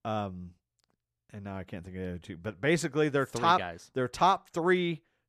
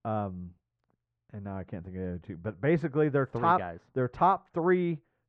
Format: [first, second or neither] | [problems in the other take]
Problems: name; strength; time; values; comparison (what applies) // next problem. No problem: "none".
first | muffled; very; fading above 1.5 kHz